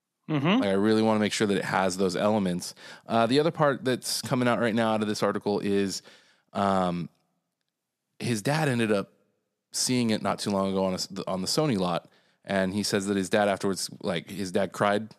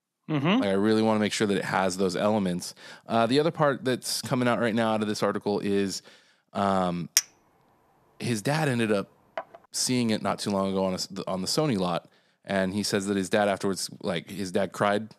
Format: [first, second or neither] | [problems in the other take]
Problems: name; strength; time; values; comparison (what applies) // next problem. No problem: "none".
first | clattering dishes; loud; from 7 to 9.5 s; peak 1 dB above the speech